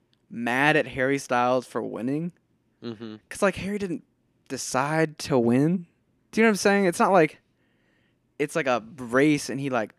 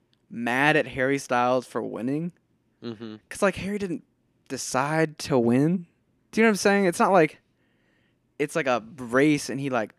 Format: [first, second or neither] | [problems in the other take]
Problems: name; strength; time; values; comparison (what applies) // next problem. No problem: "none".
neither | none